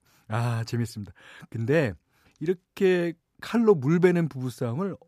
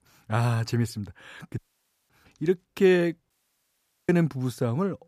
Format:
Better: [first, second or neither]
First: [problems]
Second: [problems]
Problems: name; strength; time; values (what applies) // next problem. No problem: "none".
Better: first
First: none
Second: audio cutting out; at 1.5 s for 0.5 s and at 3.5 s for 1 s